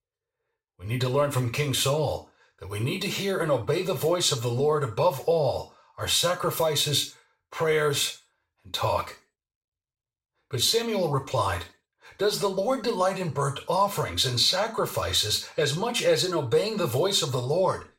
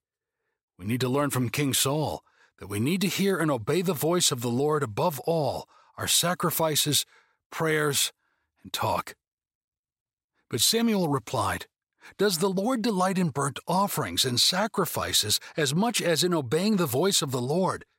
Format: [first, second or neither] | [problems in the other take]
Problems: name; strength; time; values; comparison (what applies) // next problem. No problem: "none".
second | room echo; slight; dies away in 0.3 s // off-mic speech; somewhat distant